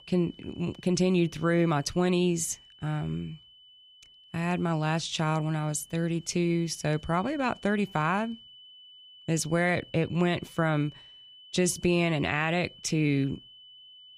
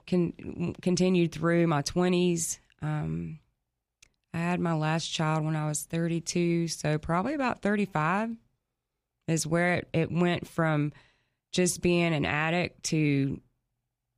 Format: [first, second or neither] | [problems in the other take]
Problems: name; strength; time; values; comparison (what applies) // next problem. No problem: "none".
second | high-pitched whine; faint; throughout; 3 kHz, 20 dB below the speech